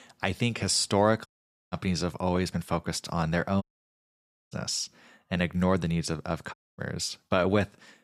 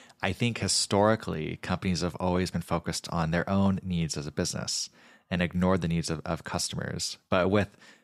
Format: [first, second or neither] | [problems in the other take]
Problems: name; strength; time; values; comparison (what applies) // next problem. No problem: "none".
second | audio cutting out; at 1.5 s, at 3.5 s for 1 s and at 6.5 s